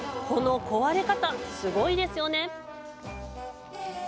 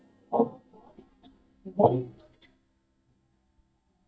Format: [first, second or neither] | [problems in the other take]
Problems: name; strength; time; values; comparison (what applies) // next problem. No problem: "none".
first | noise reduction (neural mask model DeepFilterNet 3)